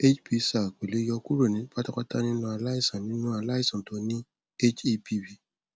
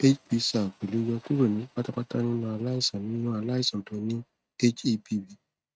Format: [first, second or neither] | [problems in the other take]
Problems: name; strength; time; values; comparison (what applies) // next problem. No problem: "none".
first | noise reduction (neural mask model RNNoise)